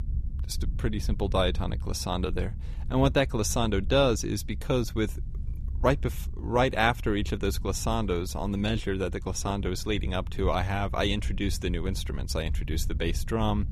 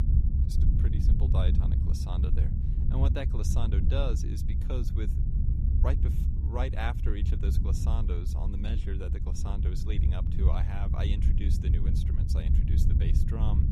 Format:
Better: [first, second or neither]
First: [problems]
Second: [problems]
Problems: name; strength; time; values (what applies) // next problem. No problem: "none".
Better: first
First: low rumble; faint; throughout; 25 dB below the speech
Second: low rumble; loud; throughout; 2 dB below the speech